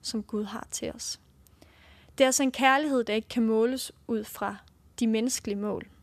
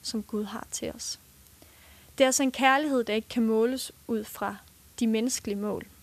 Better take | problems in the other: first | hiss; faint; throughout; 25 dB below the speech

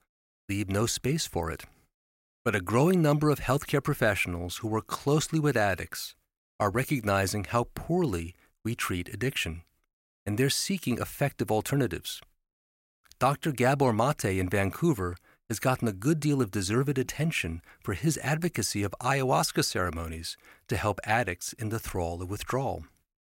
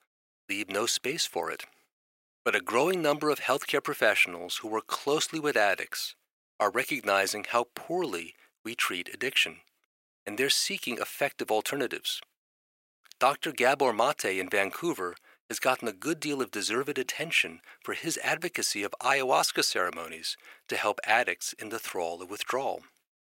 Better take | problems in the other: first | thin; somewhat; fading below 450 Hz

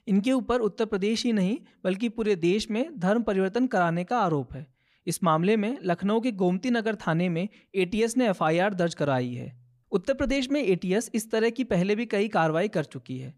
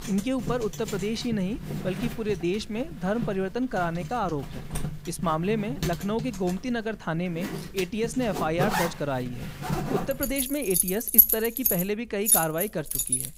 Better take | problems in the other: first | household noises; very loud; throughout; 3 dB above the speech

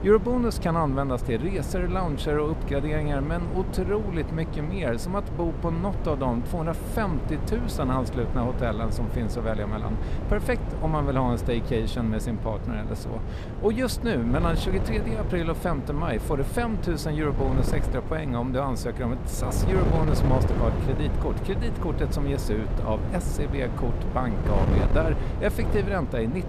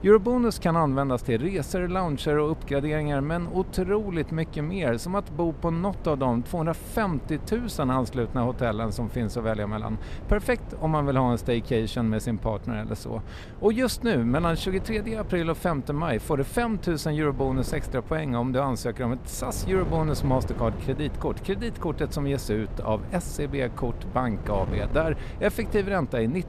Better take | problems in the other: second | wind noise on the microphone; heavy; 7 dB below the speech; occasional gusts in the second

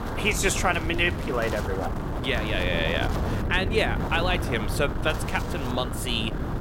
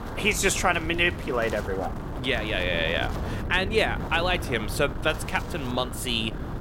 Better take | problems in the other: second | wind noise on the microphone; heavy; 7 dB below the speech; occasional gusts in the second

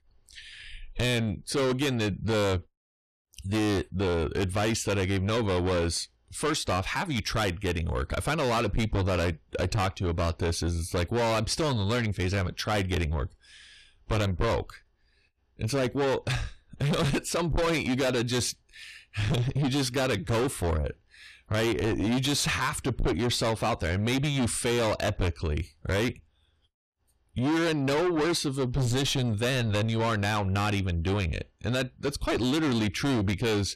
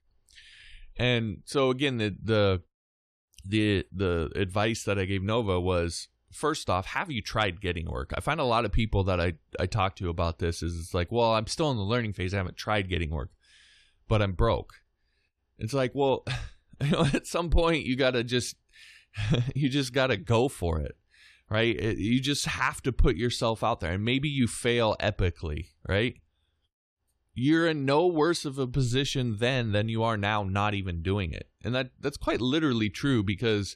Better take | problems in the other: second | distortion; heavy; 6 dB below the speech

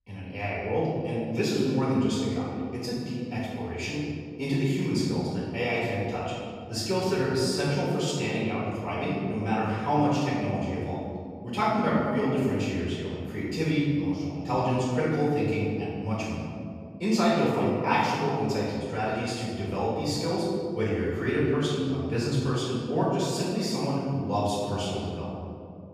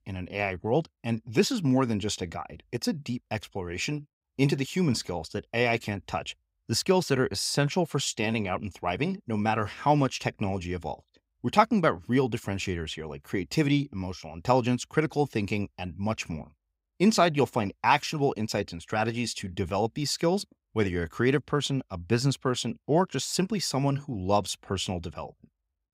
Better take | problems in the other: second | room echo; strong; dies away in 2.4 s // off-mic speech; far

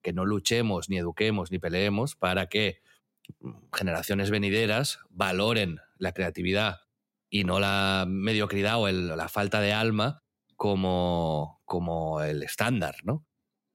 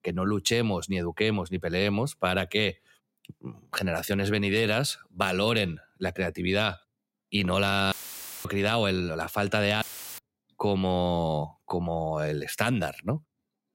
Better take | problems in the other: first | audio cutting out; filled with static; at 8 s for 0.5 s and at 10 s

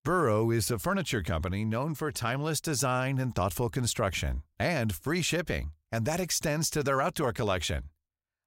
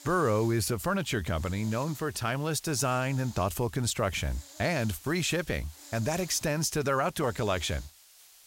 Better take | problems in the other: first | hiss; noticeable; throughout; 20 dB below the speech

